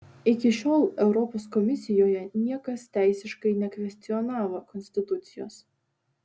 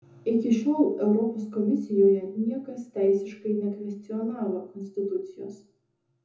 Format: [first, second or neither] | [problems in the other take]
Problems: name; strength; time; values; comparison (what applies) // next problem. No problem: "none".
first | room echo; dies away in 0.6 s